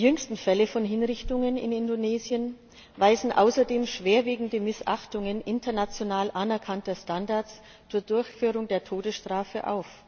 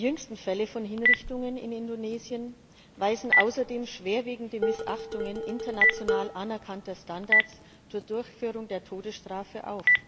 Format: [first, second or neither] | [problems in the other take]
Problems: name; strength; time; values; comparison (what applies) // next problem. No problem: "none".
first | background sound (Dishes, pots, and pans + Telephone); 3 dB above the speech